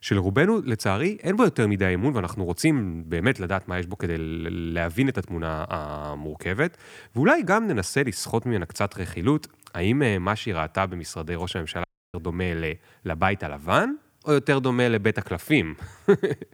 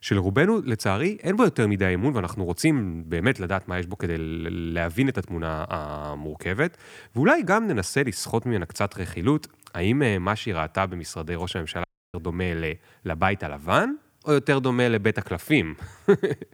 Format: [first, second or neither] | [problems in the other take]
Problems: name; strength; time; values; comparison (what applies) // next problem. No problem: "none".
neither | audio cutting out; at 12 s; the same in both